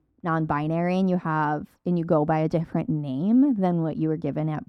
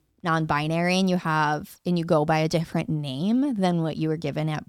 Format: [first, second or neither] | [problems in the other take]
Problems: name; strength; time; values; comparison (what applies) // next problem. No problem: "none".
second | muffled; very; fading above 2.5 kHz